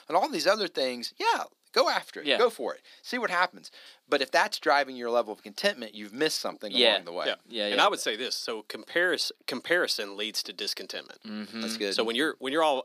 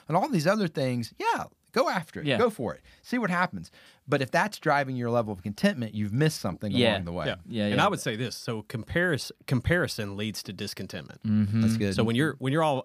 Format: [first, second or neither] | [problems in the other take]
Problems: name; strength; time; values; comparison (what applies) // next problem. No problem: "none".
second | thin; somewhat; fading below 300 Hz